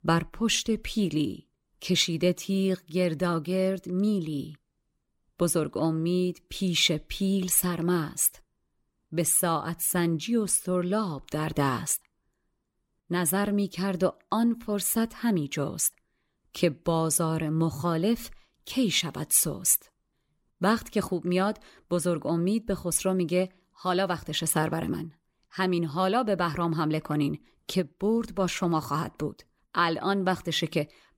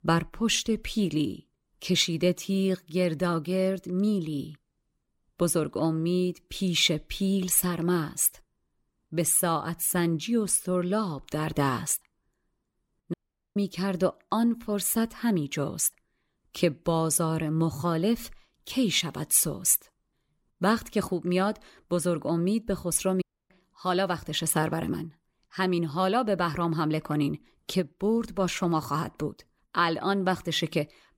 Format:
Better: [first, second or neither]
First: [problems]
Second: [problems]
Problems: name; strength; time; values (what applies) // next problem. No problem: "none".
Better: first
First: none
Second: audio cutting out; at 13 s and at 23 s